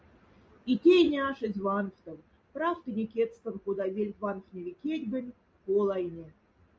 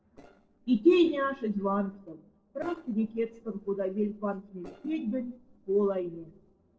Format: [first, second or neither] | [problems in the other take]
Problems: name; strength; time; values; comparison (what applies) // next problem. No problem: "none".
first | noise reduction (neural separator model SepFormer DNS4)